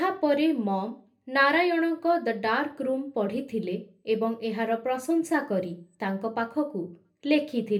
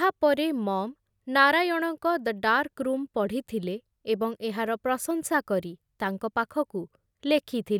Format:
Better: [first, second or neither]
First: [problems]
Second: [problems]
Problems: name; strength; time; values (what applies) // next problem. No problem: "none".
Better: second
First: room echo; dies away in 0.3 s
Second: none